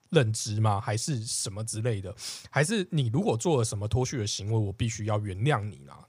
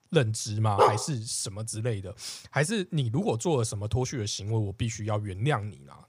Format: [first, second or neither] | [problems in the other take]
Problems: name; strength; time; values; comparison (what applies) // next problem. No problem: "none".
first | dog barking; loud; at 1 s; peak 5 dB above the speech